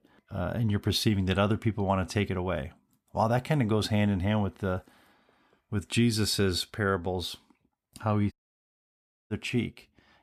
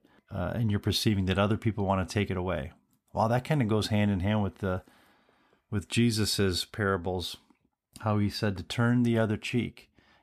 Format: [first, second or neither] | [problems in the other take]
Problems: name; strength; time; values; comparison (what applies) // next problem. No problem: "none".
second | audio cutting out; at 8.5 s for 1 s